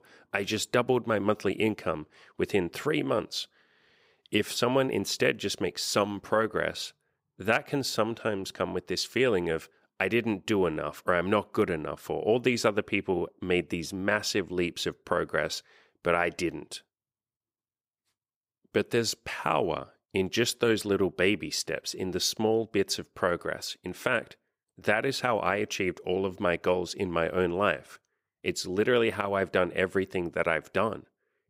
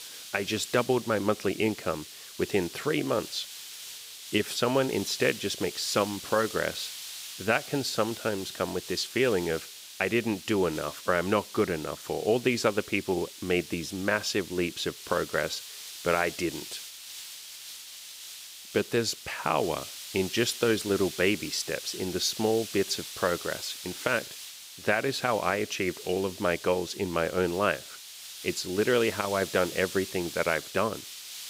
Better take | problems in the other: first | hiss; noticeable; throughout; 10 dB below the speech

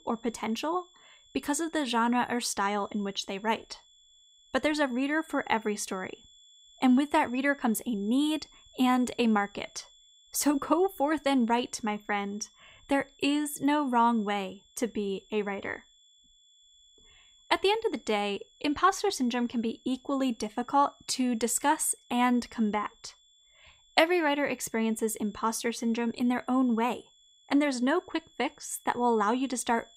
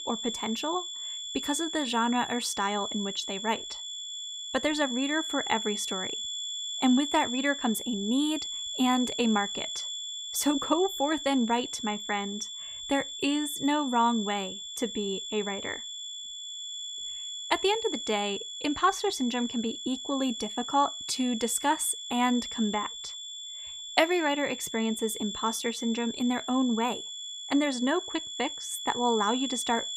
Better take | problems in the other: first | high-pitched whine; loud; throughout; 3.5 kHz, 6 dB below the speech; faint in the first

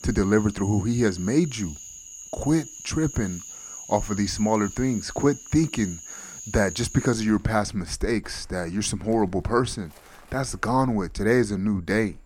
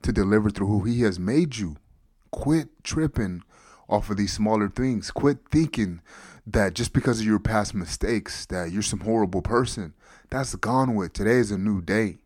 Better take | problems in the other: second | animal sounds; noticeable; throughout; 15 dB below the speech

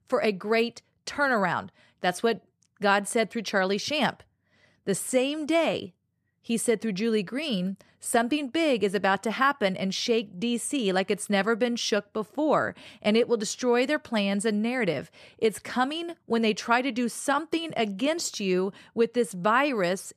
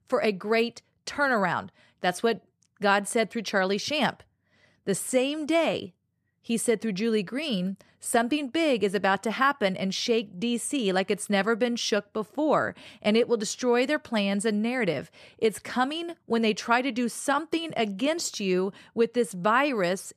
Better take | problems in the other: neither | none

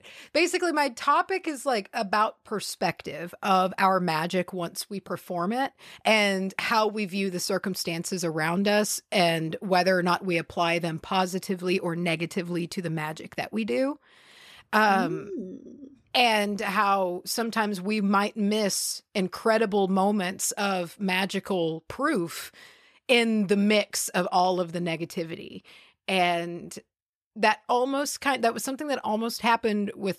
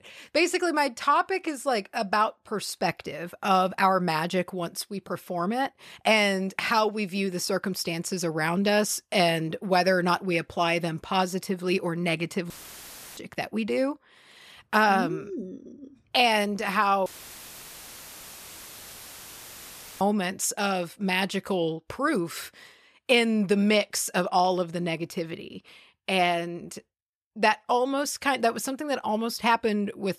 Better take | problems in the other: first | audio cutting out; filled with static; at 13 s for 0.5 s and at 17 s for 3 s

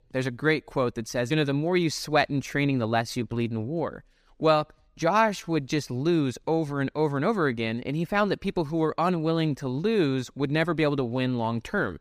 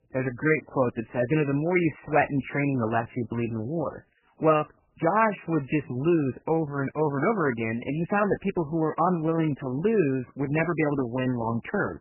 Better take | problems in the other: first | garbled, watery; badly; nothing above 3 kHz

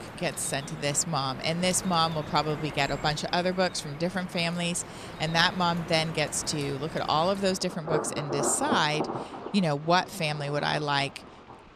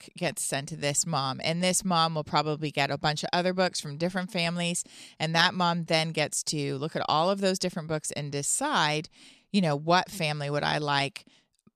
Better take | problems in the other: second | rain or running water; noticeable; throughout; 10 dB below the speech

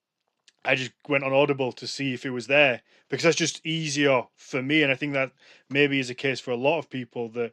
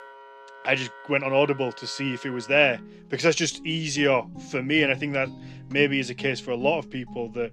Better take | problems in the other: first | background music; noticeable; throughout; 20 dB below the speech

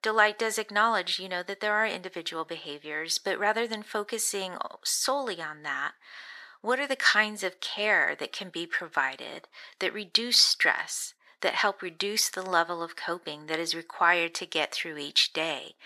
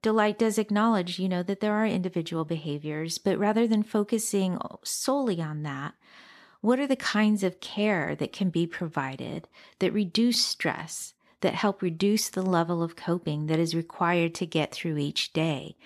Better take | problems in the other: second | thin; very; fading below 600 Hz

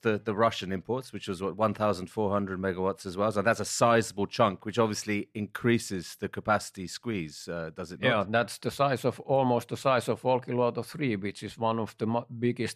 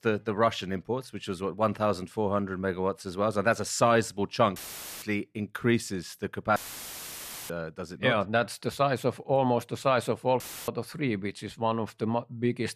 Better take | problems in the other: first | audio cutting out; filled with static; at 4.5 s, at 6.5 s for 1 s and at 10 s

